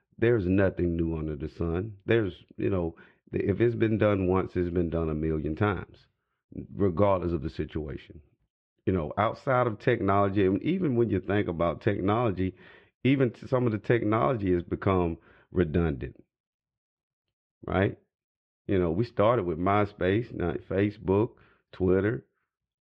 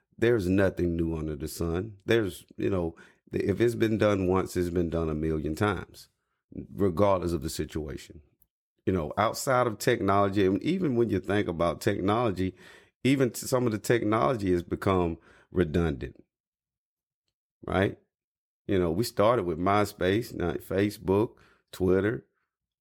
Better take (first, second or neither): second